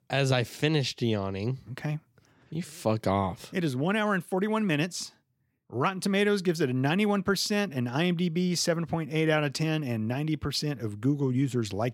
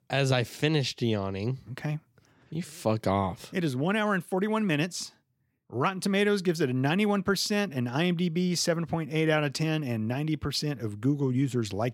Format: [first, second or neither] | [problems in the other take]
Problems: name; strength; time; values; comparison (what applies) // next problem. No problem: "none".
neither | none